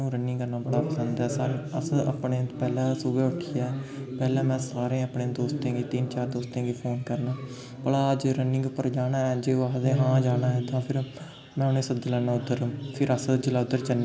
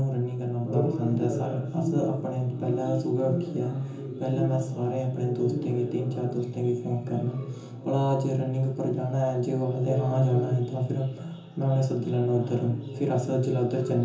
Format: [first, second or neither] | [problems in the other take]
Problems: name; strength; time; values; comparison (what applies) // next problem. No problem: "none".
first | room echo; dies away in 0.6 s